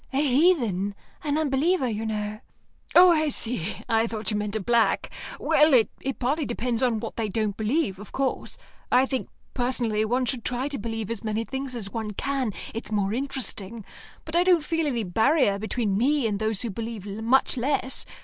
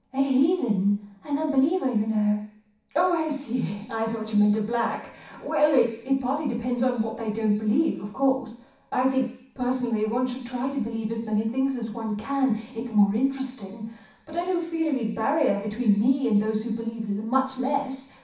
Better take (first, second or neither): first